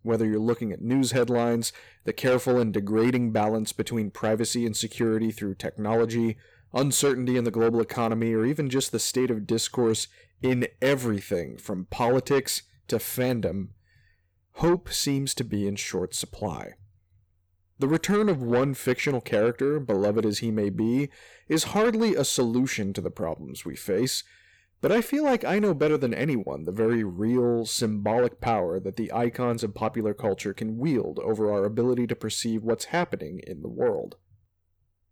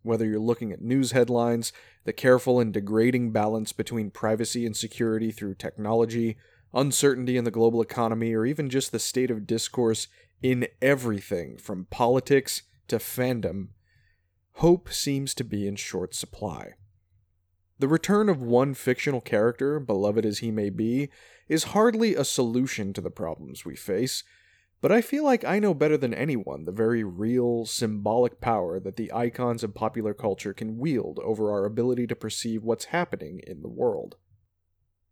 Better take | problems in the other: second | distortion; slight; 10 dB below the speech

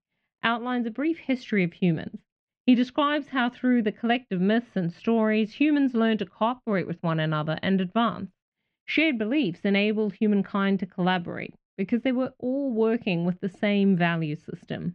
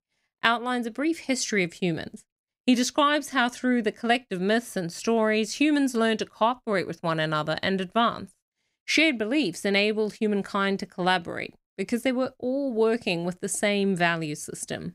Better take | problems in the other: second | muffled; slightly; fading above 3 kHz

